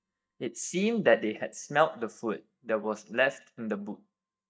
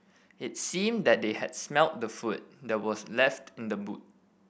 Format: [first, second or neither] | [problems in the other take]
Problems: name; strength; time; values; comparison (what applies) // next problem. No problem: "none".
second | noise reduction (neural mask model DeepFilterNet 3)